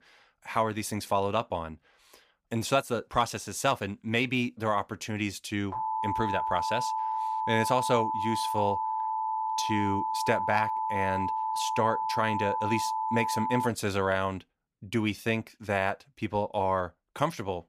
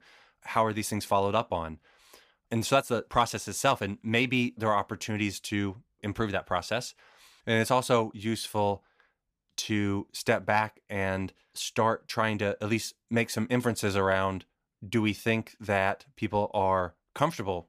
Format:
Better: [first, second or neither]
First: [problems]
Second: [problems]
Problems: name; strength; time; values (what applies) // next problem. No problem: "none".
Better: second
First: alarm; noticeable; from 5.5 to 14 s; peak level with the speech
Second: none